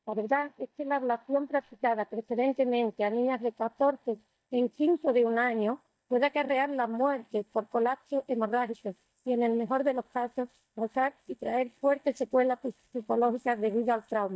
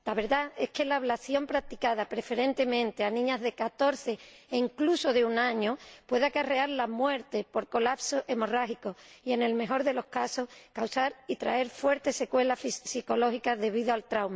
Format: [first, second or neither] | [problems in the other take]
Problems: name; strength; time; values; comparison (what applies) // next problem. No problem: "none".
second | noise reduction (neural mask model DeepFilterNet 3)